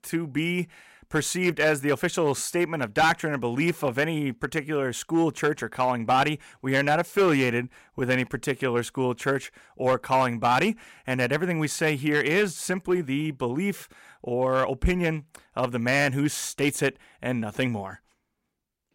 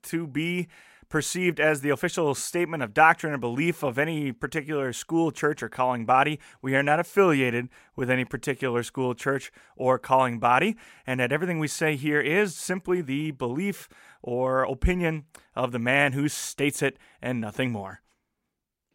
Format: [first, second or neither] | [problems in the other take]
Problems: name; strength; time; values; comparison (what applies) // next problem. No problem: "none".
second | distortion; slight; 3% of the sound clipped